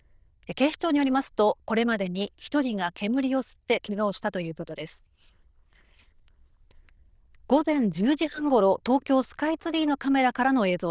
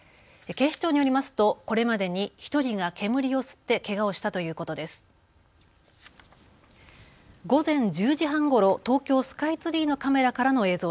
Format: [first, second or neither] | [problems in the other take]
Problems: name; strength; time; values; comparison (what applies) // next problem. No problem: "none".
second | noise reduction (neural diffusion model UNIVERSE++)